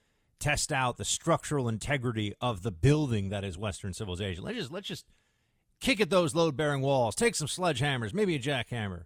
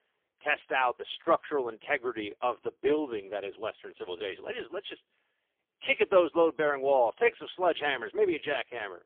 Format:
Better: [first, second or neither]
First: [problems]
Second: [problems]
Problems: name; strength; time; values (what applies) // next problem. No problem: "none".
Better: first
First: none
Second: phone-call audio; poor line; nothing above 3.5 kHz